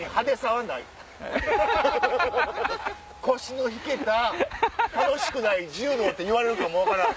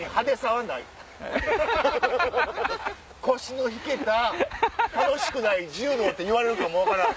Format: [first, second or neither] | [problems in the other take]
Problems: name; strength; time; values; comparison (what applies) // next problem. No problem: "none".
second | background sound (Piano); 11 dB below the speech